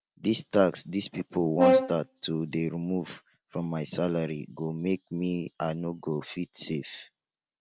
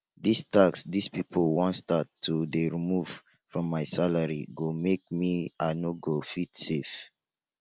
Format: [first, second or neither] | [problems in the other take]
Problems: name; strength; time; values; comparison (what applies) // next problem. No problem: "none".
second | background sound (Brass instrument); 3 dB above the speech